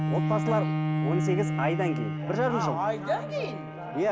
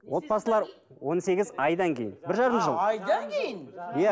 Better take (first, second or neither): second